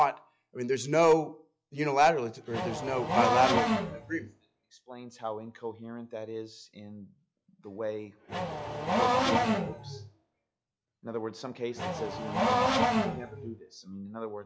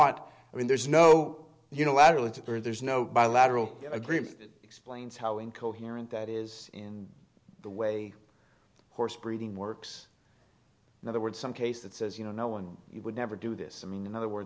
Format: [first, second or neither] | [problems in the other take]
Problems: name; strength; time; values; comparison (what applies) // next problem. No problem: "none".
second | noise reduction (classical method log-MMSE)